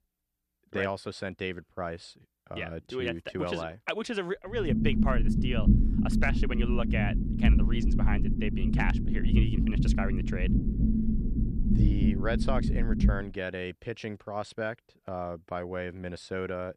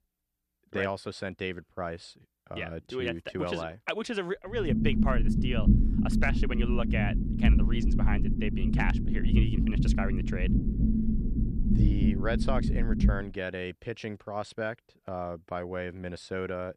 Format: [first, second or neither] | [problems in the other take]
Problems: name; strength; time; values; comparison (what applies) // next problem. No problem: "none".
neither | low rumble; loud; from 4.5 to 13 s; 2 dB below the speech; the same in both